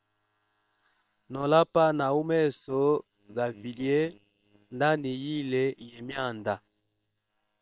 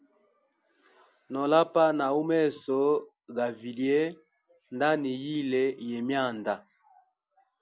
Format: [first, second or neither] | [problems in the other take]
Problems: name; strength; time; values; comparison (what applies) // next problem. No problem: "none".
second | noise reduction (neural separator model SepFormer WHAM!)